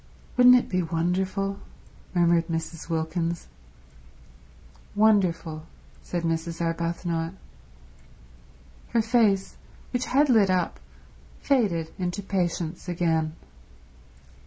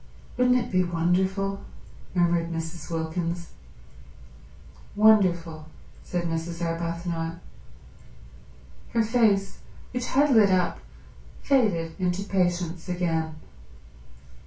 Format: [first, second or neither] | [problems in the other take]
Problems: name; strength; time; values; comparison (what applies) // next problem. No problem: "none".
first | room echo; dies away in 0.2 s